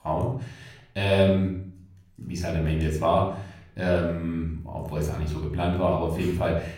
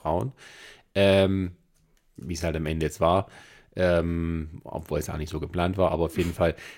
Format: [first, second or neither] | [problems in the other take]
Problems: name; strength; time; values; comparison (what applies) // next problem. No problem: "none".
second | off-mic speech; somewhat distant // room echo; slight; dies away in 0.6 s